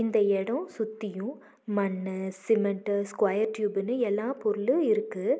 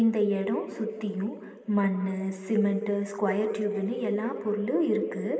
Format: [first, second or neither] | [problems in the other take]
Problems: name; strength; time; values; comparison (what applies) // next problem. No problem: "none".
first | room echo; dies away in 2.2 s